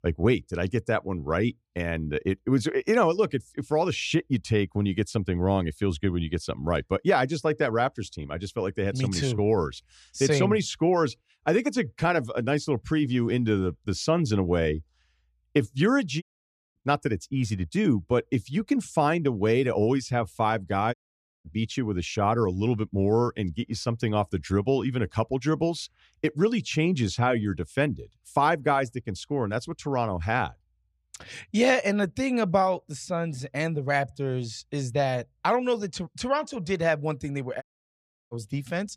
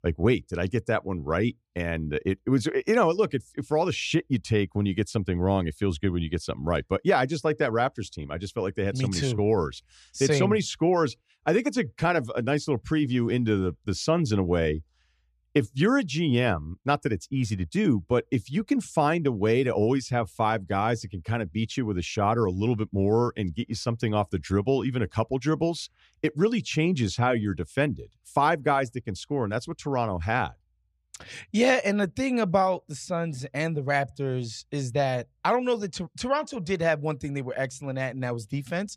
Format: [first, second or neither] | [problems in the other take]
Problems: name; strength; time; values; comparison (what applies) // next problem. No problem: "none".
second | audio cutting out; at 16 s for 0.5 s, at 21 s for 0.5 s and at 38 s for 0.5 s